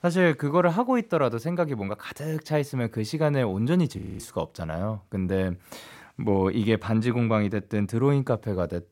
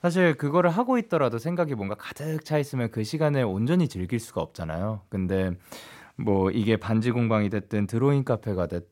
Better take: second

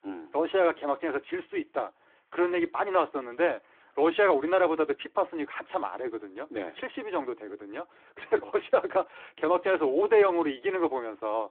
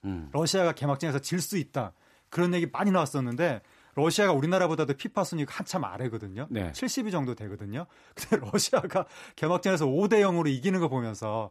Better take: second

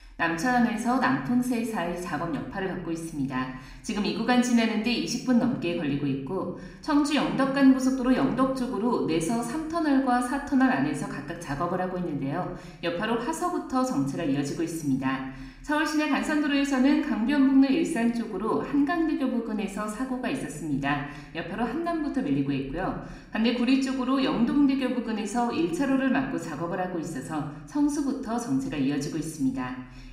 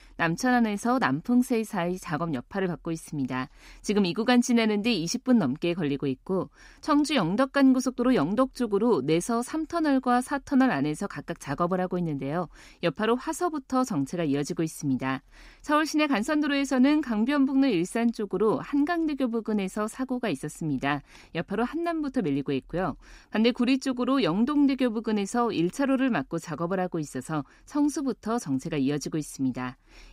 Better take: second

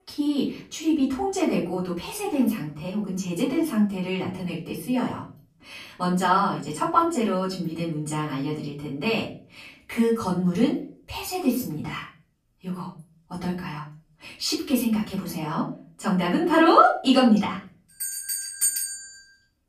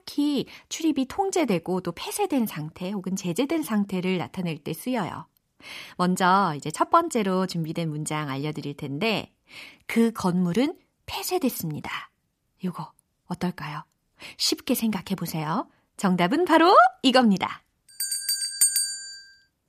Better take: second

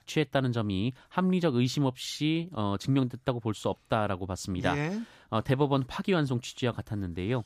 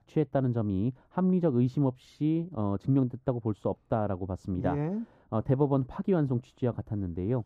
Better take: first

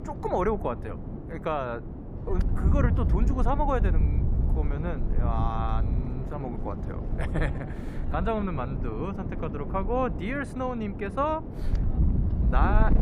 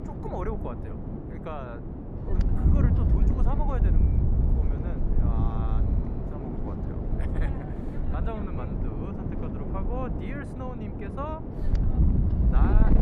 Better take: first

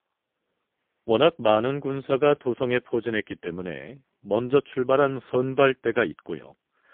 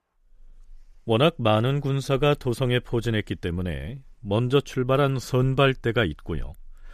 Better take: second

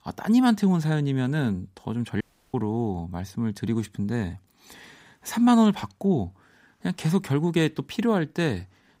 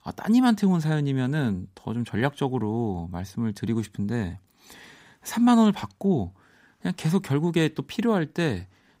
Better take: second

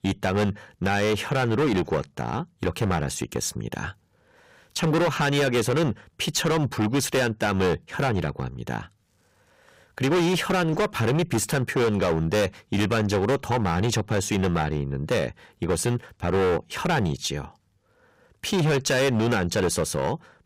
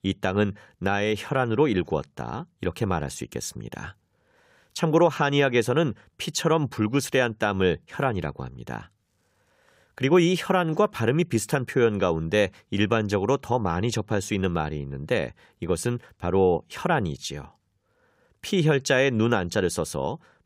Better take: second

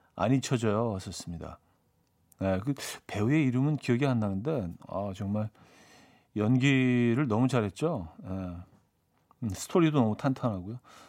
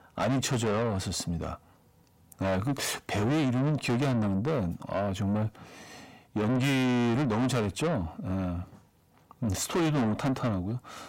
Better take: first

